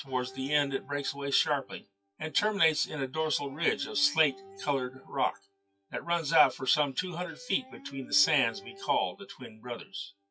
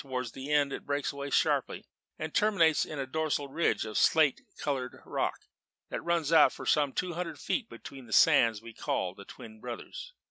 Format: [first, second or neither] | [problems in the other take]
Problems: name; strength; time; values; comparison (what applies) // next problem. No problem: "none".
second | noise reduction (classical method WPE with log-MMSE)